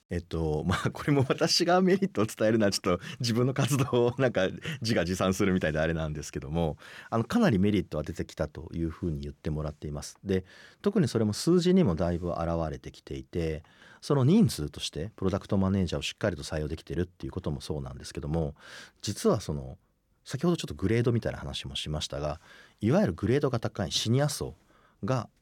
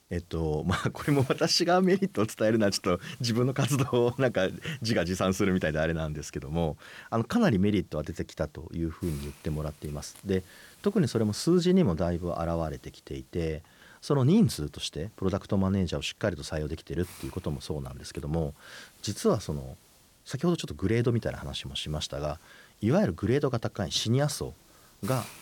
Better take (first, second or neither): first